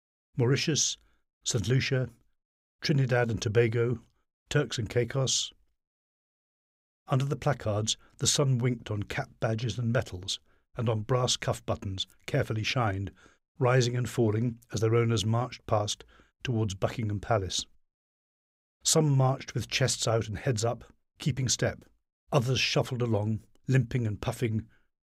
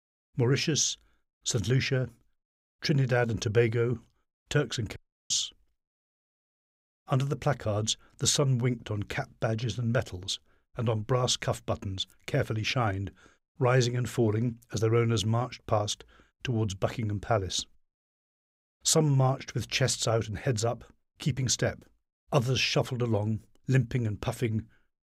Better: first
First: none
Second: audio cutting out; at 5 s

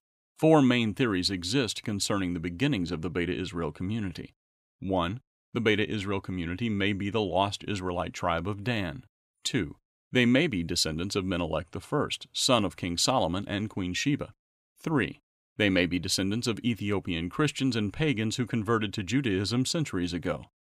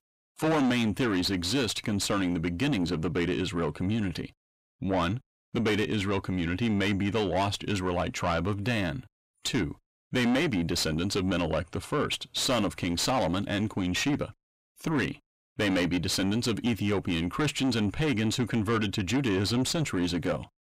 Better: first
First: none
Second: distortion; heavy; 6 dB below the speech

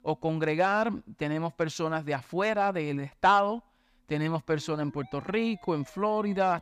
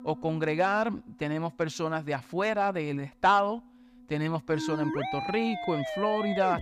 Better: first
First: background music; faint; throughout; 25 dB below the speech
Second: background music; loud; throughout; 6 dB below the speech

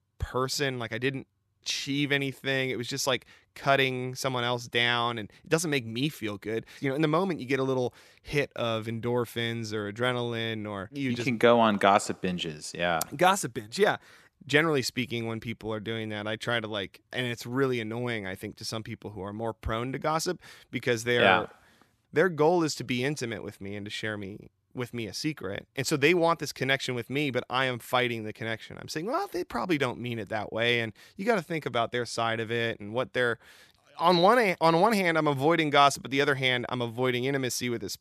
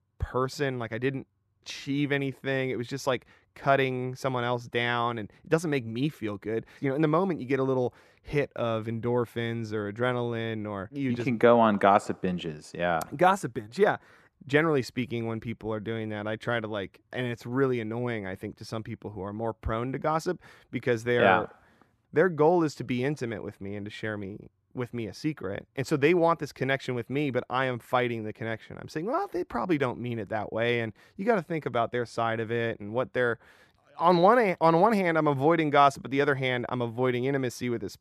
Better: first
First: none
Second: muffled; slightly; fading above 2 kHz

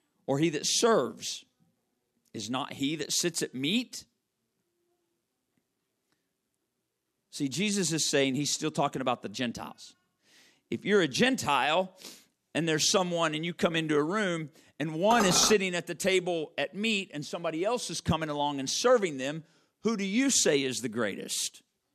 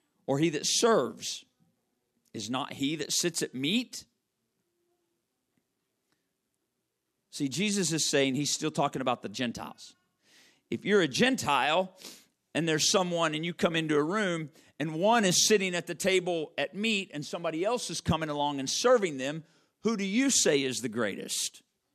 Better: second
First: clattering dishes; noticeable; at 15 s; peak 2 dB below the speech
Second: none

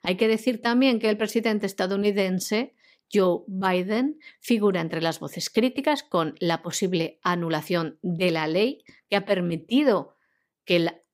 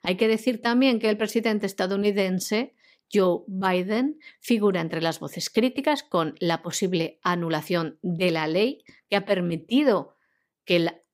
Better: neither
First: none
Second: none

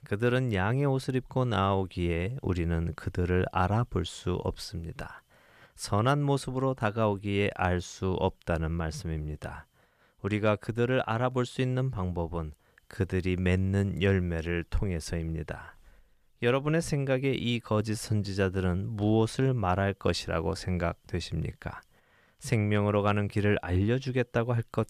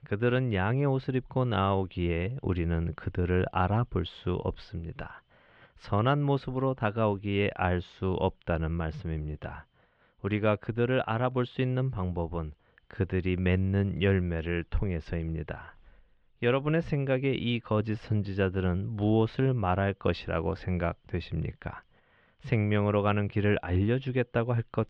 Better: first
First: none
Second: muffled; slightly; fading above 3 kHz

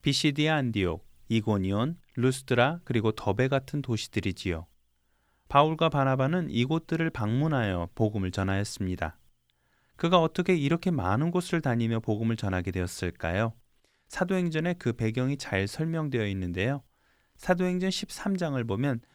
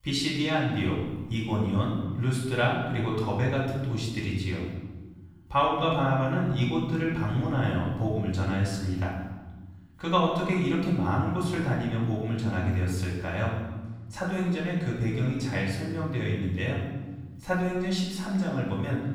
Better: first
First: none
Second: off-mic speech; far // room echo; noticeable; dies away in 1.2 s

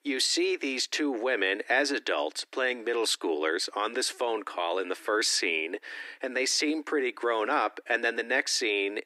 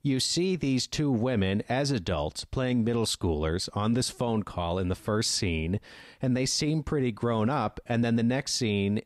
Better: second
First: thin; very; fading below 300 Hz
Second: none

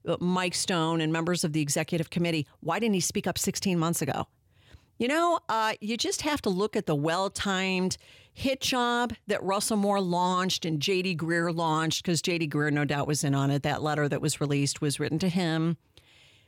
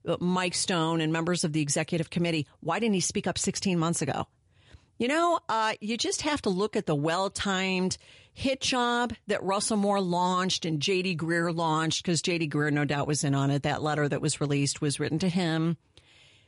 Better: first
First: none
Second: garbled, watery; slightly; nothing above 10.5 kHz

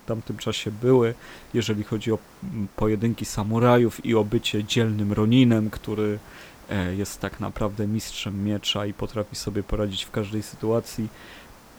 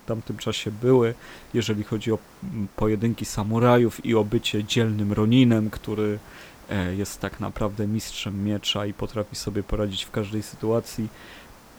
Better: neither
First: hiss; faint; throughout; 25 dB below the speech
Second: hiss; faint; throughout; 25 dB below the speech

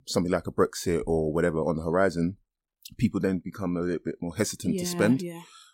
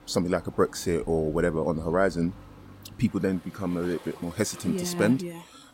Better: first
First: none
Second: rain or running water; noticeable; throughout; 20 dB below the speech

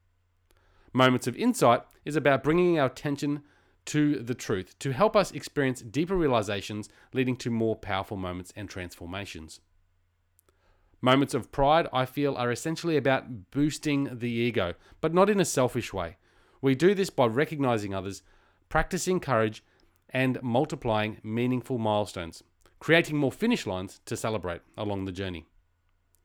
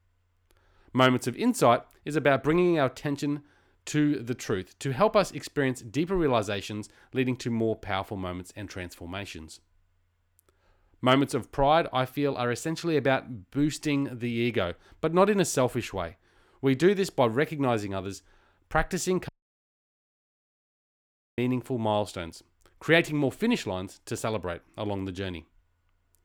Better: first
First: none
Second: audio cutting out; at 19 s for 2 s

